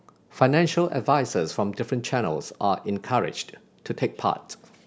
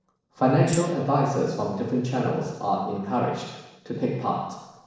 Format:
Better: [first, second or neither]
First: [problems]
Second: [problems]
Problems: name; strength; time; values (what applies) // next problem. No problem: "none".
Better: first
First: none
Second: noise reduction (neural separator model SepFormer DNS4)